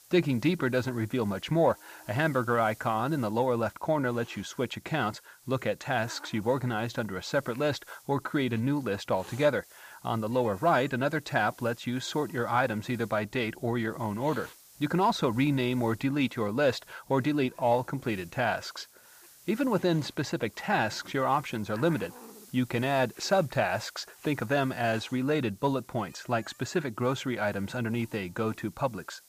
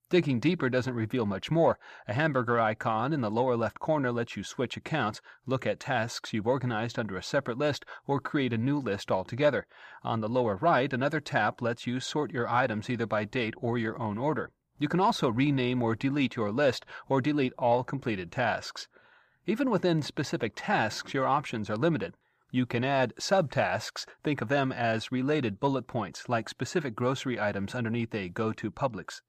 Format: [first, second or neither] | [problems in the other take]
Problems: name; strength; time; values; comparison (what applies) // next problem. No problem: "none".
second | hiss; faint; throughout; 20 dB below the speech